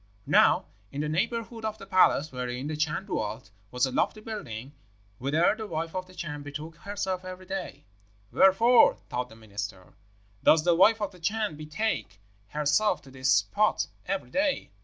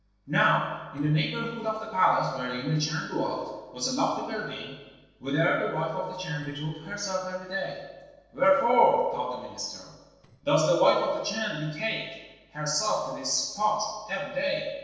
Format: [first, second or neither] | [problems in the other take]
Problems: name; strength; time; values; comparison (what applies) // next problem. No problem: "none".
first | noise reduction (neural separator model SepFormer DNS4)